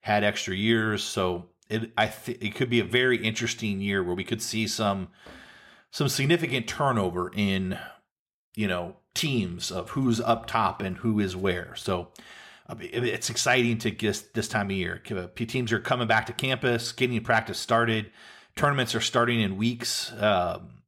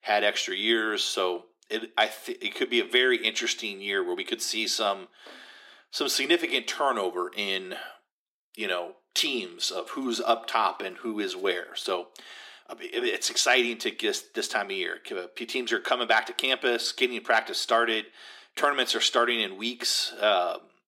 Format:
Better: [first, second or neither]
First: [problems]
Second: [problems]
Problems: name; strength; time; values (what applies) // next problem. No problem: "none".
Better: first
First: none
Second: thin; somewhat; fading below 300 Hz